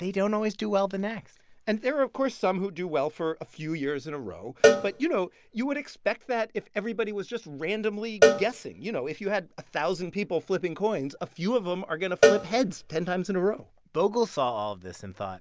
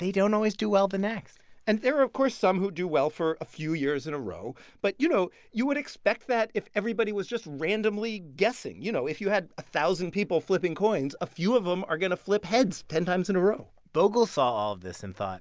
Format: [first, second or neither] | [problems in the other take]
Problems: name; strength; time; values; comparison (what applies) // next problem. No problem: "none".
second | background sound (Cowbell); as loud as the speech